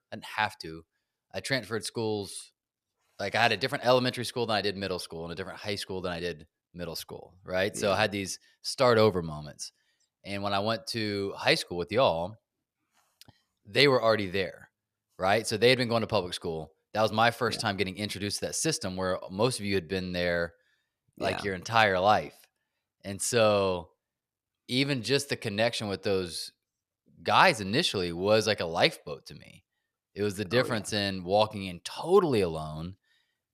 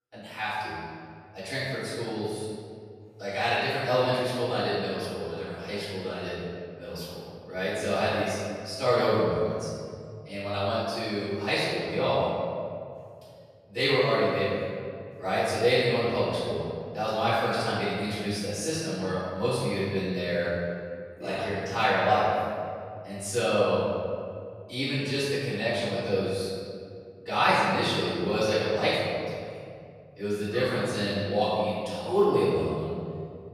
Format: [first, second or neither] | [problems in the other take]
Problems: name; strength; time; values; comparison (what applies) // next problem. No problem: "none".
first | off-mic speech; far // room echo; strong; dies away in 2.1 s